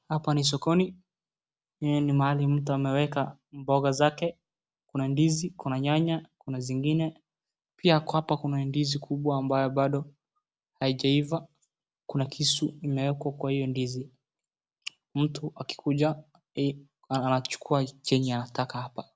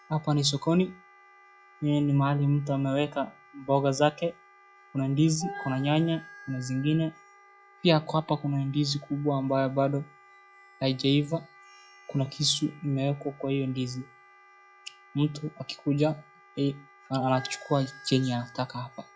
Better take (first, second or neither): first